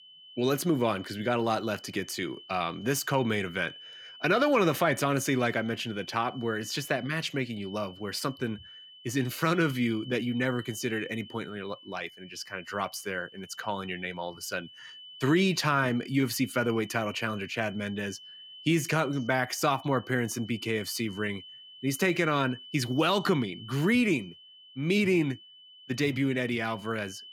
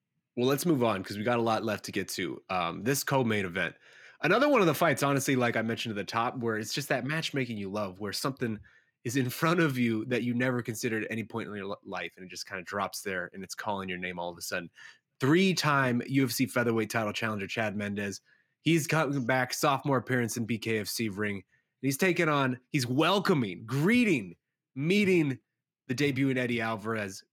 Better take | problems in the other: second | high-pitched whine; noticeable; throughout; 3 kHz, 20 dB below the speech

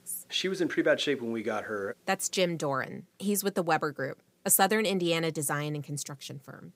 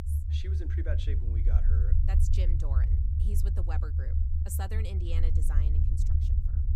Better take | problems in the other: first | low rumble; loud; throughout; 1 dB below the speech

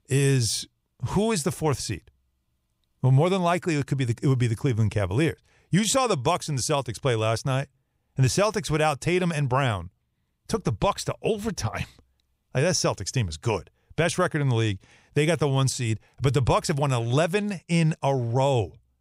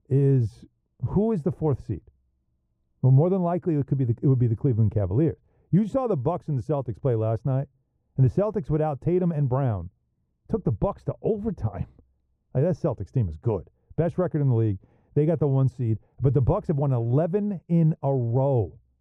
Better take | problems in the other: first | muffled; very; fading above 1.5 kHz

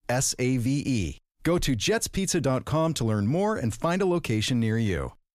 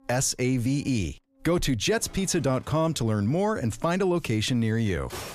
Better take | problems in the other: first | background music; faint; throughout; 25 dB below the speech

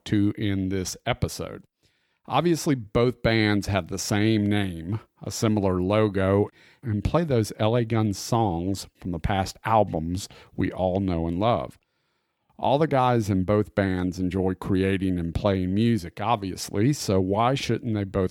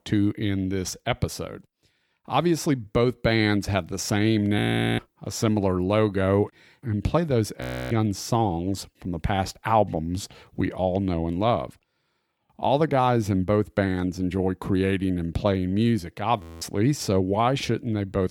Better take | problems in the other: first | audio freezing; at 4.5 s, at 7.5 s and at 16 s

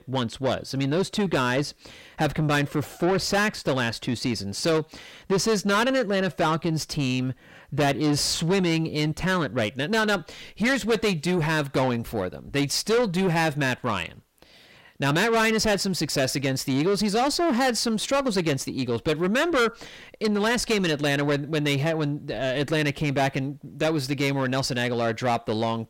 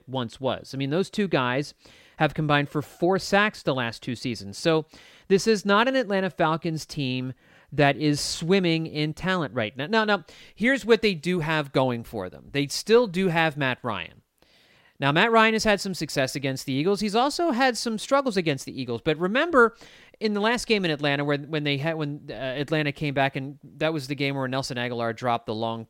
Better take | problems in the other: second | distortion; heavy; 7 dB below the speech

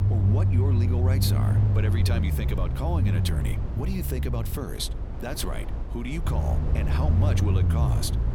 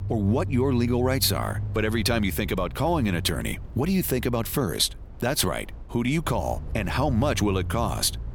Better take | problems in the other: second | low rumble; loud; throughout; 3 dB below the speech; faint in the second

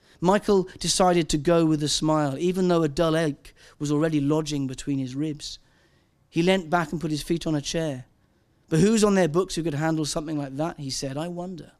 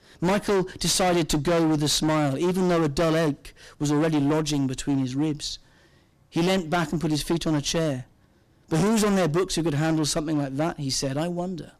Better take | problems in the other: first | distortion; heavy; 18% of the sound clipped

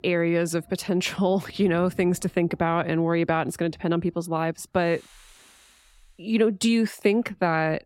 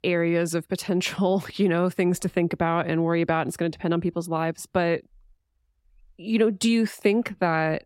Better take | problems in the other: second | rain or running water; faint; until 6 s; 25 dB below the speech

